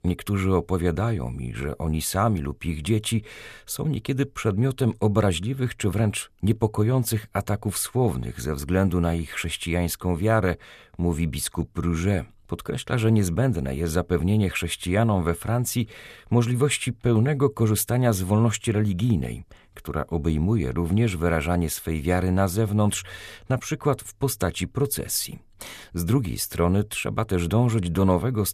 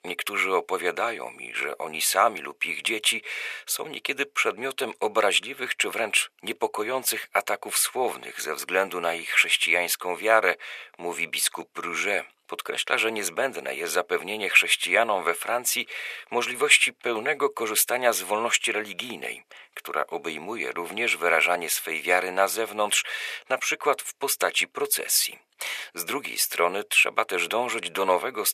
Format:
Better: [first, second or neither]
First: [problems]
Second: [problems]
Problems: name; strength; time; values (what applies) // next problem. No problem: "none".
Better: first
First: none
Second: thin; very; fading below 500 Hz